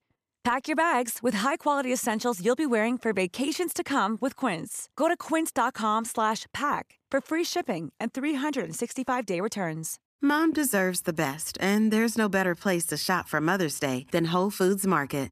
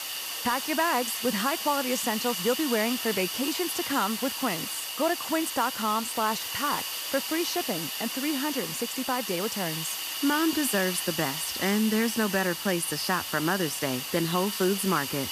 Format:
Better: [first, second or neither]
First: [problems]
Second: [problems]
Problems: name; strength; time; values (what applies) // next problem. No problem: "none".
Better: first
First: none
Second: hiss; loud; throughout; 3 dB below the speech